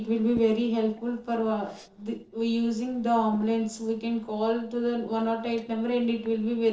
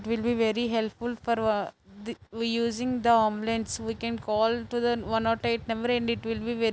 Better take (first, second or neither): second